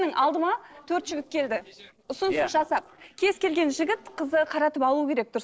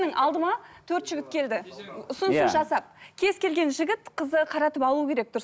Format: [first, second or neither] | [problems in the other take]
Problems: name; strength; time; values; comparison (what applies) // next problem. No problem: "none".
second | noise reduction (neural separator model SepFormer DNS4)